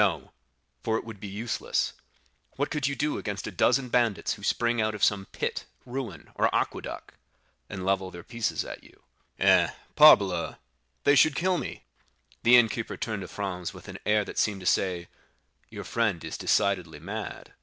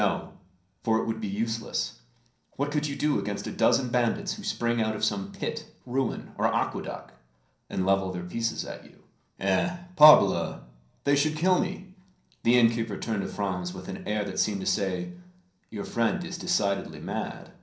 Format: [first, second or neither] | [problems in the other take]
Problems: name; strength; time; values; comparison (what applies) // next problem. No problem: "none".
first | room echo; dies away in 0.6 s